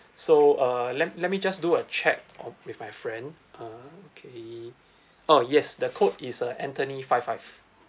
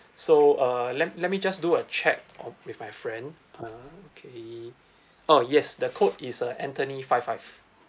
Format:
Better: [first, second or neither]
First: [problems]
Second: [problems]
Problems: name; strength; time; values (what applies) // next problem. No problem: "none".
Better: first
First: none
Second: noise reduction (neural mask model Resemble Enhance denoiser)